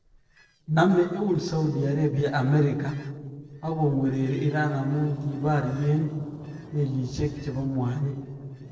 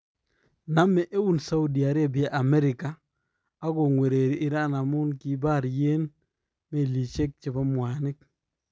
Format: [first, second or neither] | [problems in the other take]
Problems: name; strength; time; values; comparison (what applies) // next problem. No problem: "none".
second | noise reduction (neural separator model SepFormer DNS4)